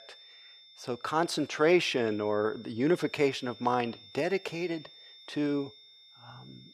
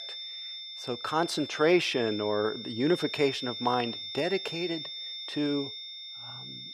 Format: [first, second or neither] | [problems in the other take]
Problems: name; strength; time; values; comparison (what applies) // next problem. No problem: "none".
first | high-pitched whine; loud; throughout; 3.5 kHz, 8 dB below the speech; faint in the first